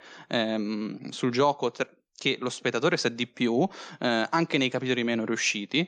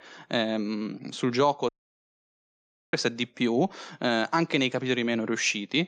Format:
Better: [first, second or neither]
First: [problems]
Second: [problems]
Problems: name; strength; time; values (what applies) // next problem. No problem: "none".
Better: first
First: none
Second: audio cutting out; at 1.5 s for 1 s